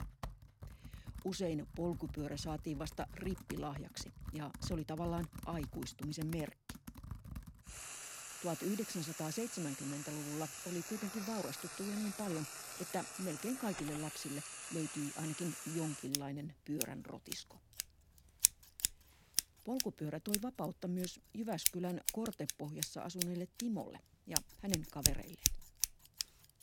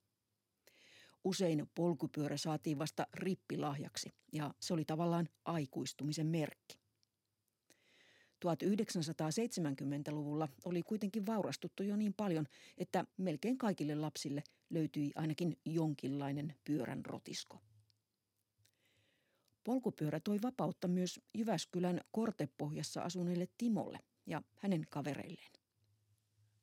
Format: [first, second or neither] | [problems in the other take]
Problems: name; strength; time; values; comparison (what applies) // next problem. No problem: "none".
second | household noises; very loud; throughout; 1 dB above the speech